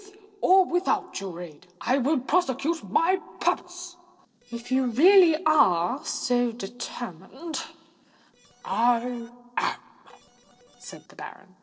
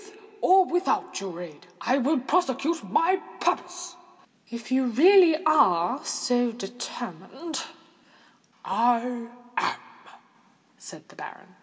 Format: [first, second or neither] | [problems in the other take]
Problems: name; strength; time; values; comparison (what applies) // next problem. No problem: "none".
second | noise reduction (neural separator model SepFormer DNS4)